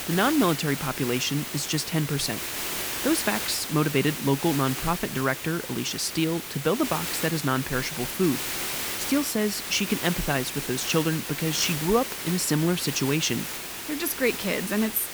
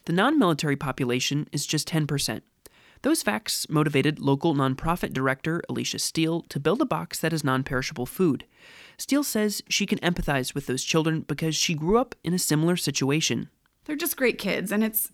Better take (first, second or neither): second